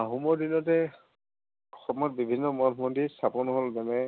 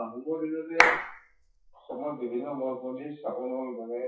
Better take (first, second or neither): first